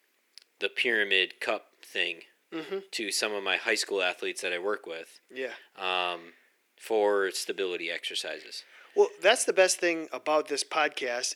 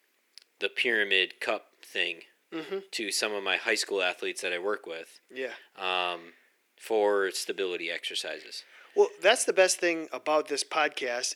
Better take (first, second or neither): neither